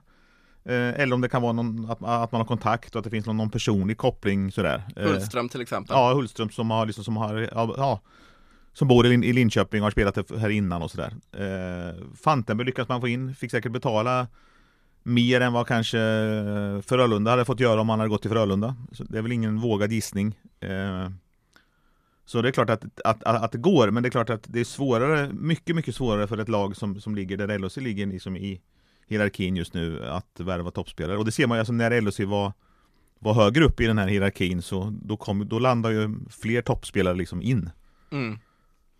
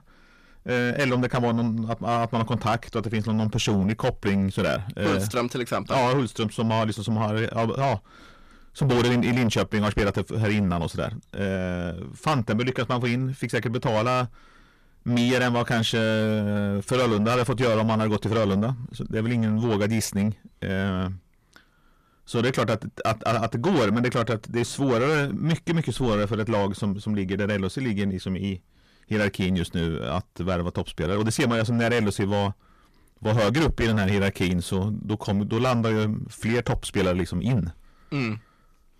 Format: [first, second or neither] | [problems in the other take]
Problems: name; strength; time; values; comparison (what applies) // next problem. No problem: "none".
first | distortion; heavy; 7 dB below the speech